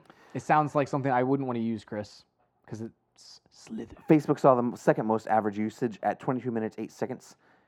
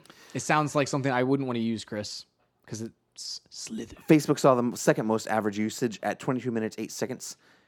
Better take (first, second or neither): second